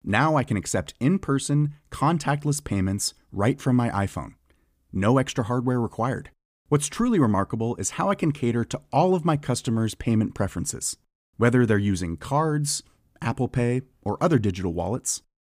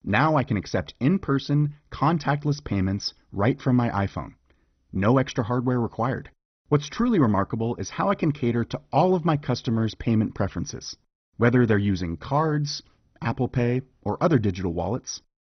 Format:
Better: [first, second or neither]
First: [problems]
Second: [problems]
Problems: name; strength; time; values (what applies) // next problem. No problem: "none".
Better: first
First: none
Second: garbled, watery; badly; nothing above 6 kHz